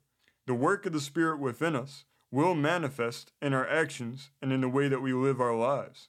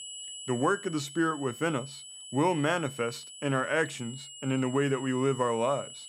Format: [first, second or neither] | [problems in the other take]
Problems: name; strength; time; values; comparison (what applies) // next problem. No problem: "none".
first | high-pitched whine; noticeable; throughout; 3 kHz, 15 dB below the speech